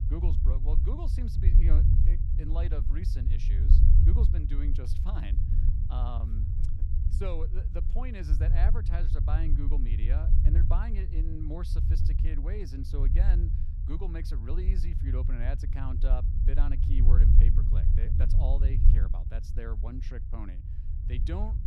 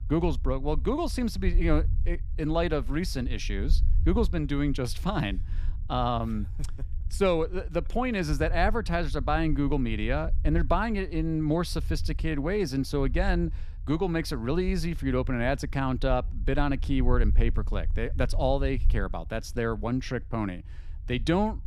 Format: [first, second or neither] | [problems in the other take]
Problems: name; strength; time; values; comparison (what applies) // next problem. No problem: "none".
second | low rumble; loud; throughout; 2 dB below the speech; faint in the second